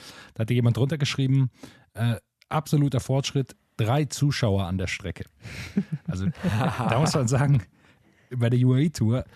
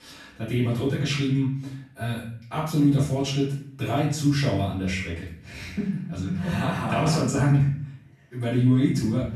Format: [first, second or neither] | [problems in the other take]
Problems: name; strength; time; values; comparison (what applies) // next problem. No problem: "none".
first | off-mic speech; far // room echo; noticeable; dies away in 0.5 s